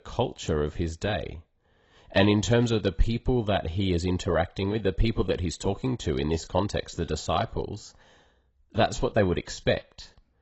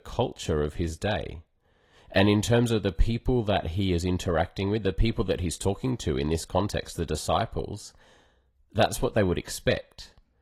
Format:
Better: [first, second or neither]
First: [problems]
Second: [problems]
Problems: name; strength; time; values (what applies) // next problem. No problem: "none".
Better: second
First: garbled, watery; badly; nothing above 8 kHz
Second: garbled, watery; slightly